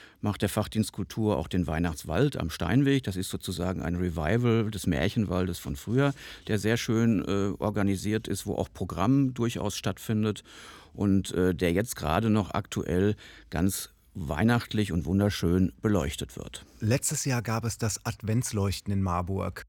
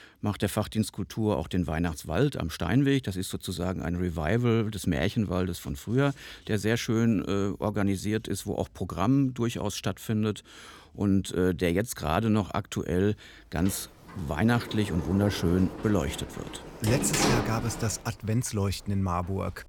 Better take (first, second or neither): first